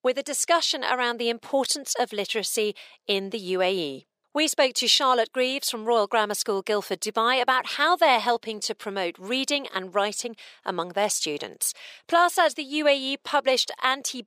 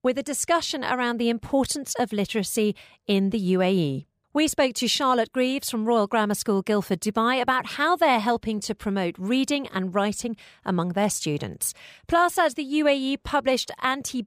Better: second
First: thin; somewhat; fading below 450 Hz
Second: none

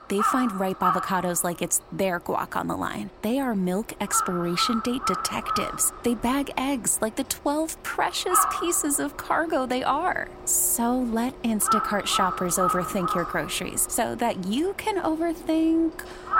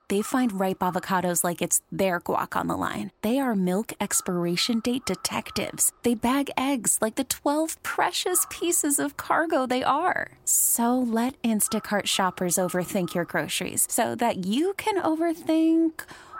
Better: second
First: animal sounds; loud; throughout; 3 dB below the speech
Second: animal sounds; faint; throughout; 20 dB below the speech

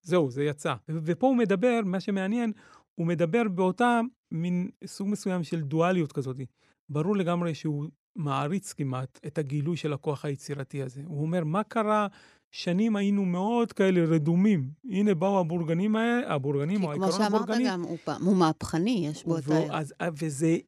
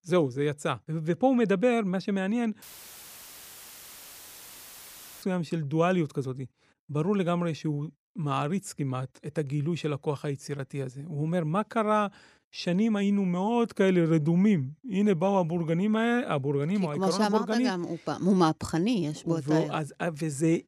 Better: first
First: none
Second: audio cutting out; filled with static; at 2.5 s for 2.5 s

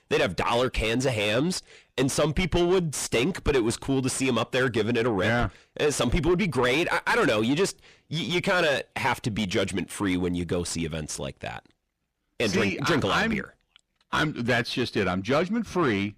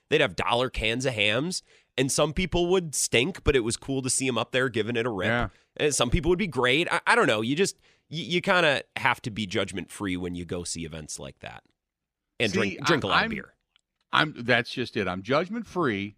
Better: second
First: distortion; heavy; 6 dB below the speech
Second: none

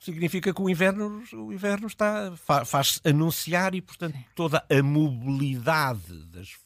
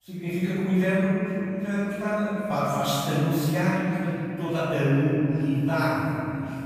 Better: first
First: none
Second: off-mic speech; far // room echo; strong; dies away in 3 s

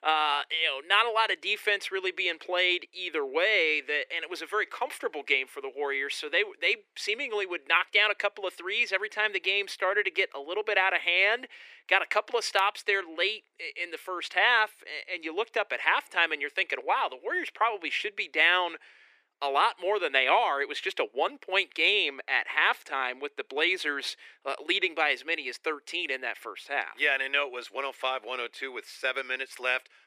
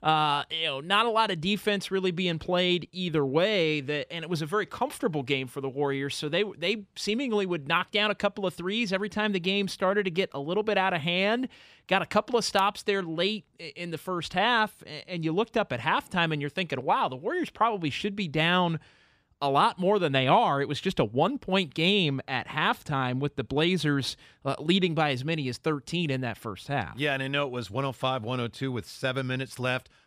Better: second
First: thin; very; fading below 350 Hz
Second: none

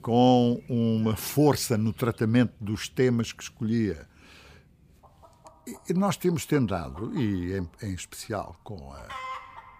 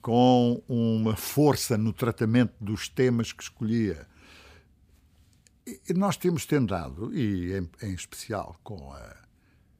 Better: second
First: animal sounds; faint; throughout; 20 dB below the speech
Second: none

